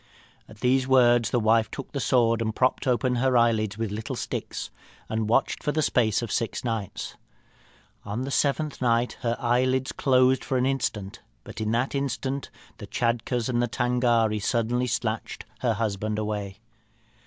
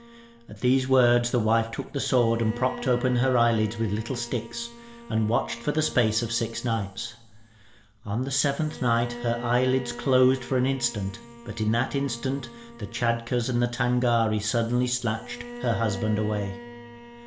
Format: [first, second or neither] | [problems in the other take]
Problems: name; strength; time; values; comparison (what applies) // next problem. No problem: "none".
first | background sound (Bowed string instrument); 16 dB below the speech // room echo; dies away in 1.3 s